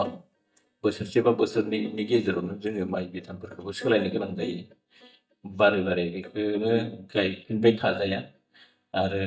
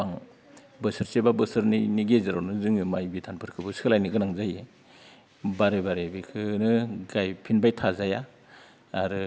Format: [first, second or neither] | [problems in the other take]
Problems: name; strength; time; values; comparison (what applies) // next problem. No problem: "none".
second | noise reduction (neural mask model DeepFilterNet 3)